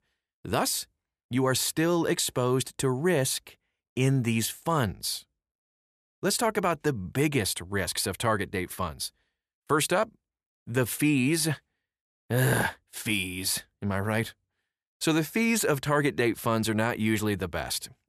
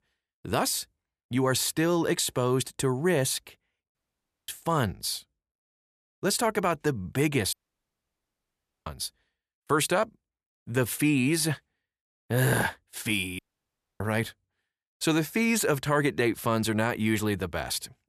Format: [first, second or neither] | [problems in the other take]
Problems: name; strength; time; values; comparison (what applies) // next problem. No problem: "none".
first | audio cutting out; at 4 s for 0.5 s, at 7.5 s for 1.5 s and at 13 s for 0.5 s